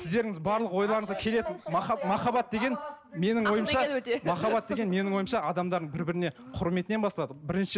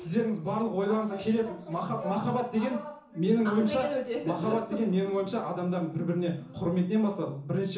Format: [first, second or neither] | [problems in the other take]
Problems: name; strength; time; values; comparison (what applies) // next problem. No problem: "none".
first | room echo; dies away in 0.7 s